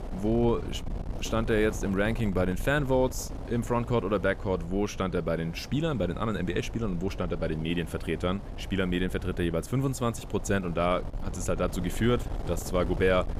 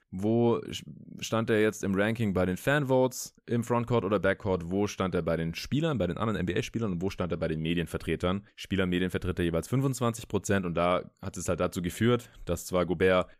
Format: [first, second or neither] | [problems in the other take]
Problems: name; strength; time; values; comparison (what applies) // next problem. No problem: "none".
second | wind noise on the microphone; occasional gusts; 15 dB below the speech